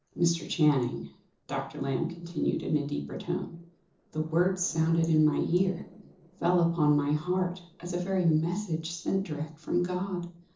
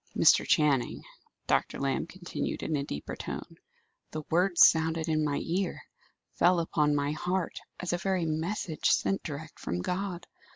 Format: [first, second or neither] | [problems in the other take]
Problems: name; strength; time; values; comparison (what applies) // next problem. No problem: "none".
second | noise reduction (neural separator model SepFormer DNS4)